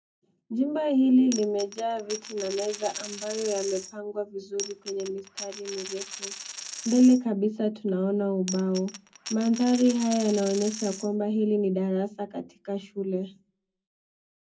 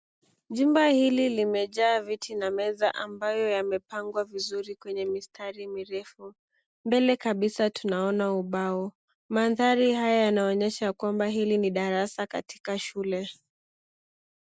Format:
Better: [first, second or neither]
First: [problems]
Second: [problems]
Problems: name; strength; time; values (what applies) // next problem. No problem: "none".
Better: second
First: background sound (Coin (dropping)); 12 dB below the speech // room echo; dies away in 0.3 s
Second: none